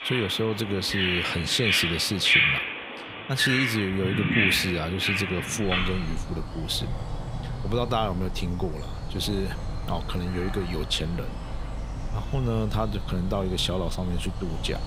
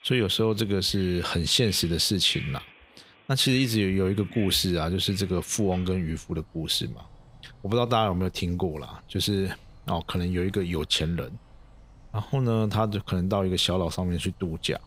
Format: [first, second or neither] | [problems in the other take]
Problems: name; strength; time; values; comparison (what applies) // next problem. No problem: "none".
second | animal sounds; loud; throughout; 1 dB below the speech; faint in the second